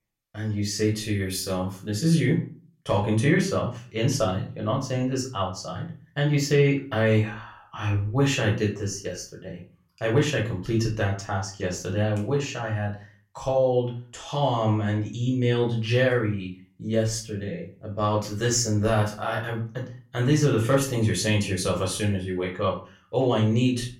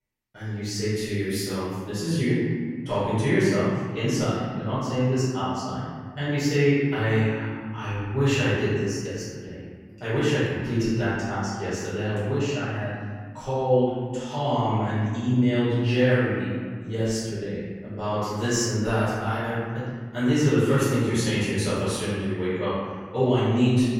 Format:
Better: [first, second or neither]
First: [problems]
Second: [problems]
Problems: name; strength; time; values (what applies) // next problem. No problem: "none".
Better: first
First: room echo; slight; dies away in 0.3 s // off-mic speech; far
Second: room echo; strong; dies away in 1.8 s // off-mic speech; far